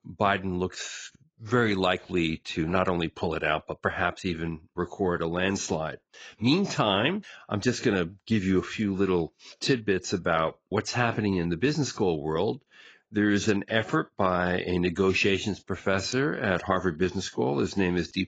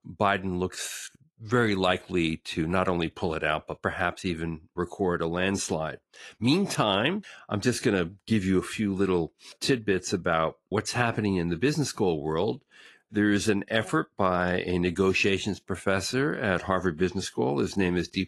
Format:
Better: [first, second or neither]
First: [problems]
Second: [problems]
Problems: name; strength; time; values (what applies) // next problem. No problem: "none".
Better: second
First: garbled, watery; badly; nothing above 7.5 kHz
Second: garbled, watery; slightly; nothing above 11.5 kHz